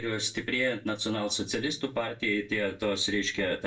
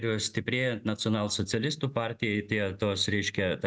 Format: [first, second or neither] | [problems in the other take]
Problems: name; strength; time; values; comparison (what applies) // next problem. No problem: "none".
second | room echo; dies away in 0.2 s